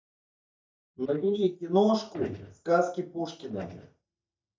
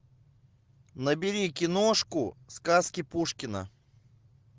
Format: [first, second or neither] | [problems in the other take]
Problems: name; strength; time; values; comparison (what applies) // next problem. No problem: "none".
second | noise reduction (neural mask model DeepFilterNet 3)